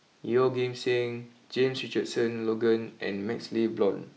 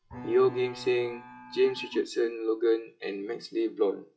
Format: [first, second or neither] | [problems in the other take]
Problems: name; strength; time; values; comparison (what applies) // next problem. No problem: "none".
first | noise reduction (classical method WPE with log-MMSE)